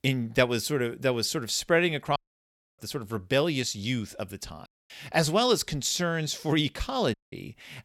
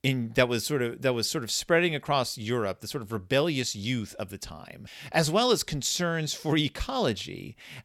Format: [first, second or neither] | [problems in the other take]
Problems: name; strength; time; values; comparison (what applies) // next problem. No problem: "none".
second | audio cutting out; at 2 s for 0.5 s, at 4.5 s and at 7 s